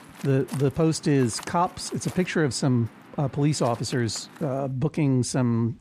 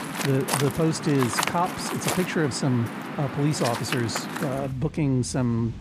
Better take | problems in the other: first | rain or running water; loud; throughout; 4 dB below the speech; faint in the first

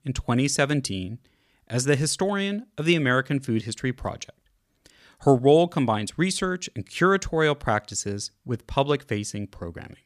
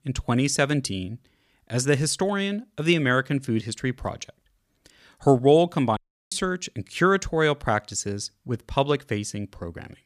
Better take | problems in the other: first | audio cutting out; at 6 s

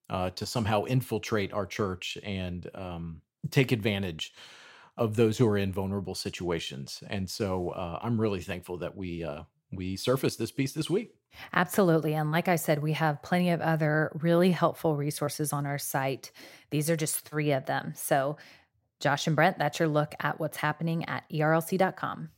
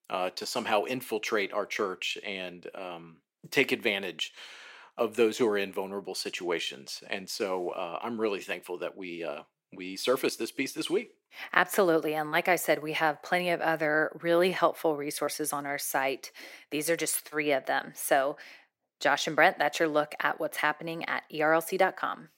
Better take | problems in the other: first | thin; somewhat; fading below 300 Hz

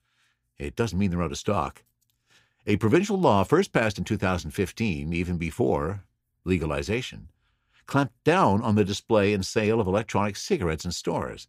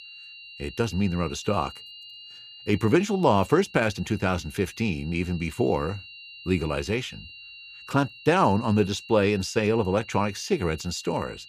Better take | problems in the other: first | high-pitched whine; noticeable; throughout; 3 kHz, 15 dB below the speech

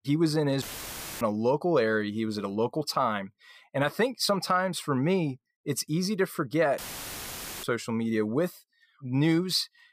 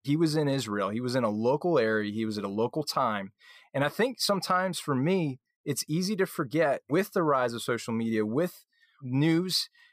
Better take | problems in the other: second | audio cutting out; filled with static; at 0.5 s for 0.5 s and at 7 s for 1 s

